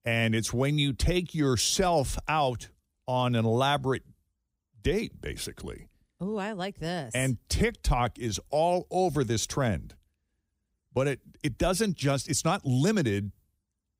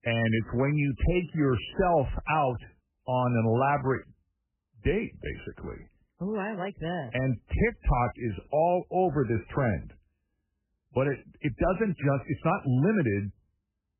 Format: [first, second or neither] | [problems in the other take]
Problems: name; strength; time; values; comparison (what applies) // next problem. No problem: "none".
first | garbled, watery; badly; nothing above 3 kHz